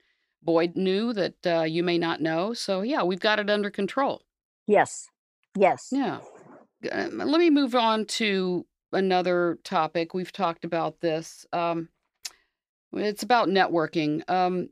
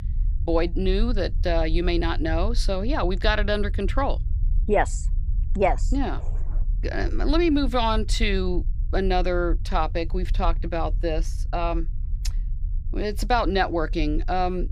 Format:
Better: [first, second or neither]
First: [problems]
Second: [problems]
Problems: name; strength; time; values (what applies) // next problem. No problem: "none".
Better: first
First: none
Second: low rumble; faint; throughout; 25 dB below the speech